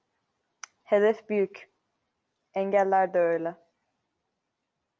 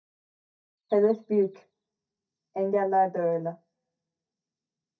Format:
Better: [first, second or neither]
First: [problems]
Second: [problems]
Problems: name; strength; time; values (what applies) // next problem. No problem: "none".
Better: first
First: none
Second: noise reduction (neural mask model DeepFilterNet 3)